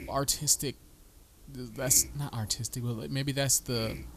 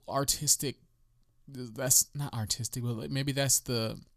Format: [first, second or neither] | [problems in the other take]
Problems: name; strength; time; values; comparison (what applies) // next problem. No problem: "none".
second | hiss; faint; throughout; 20 dB below the speech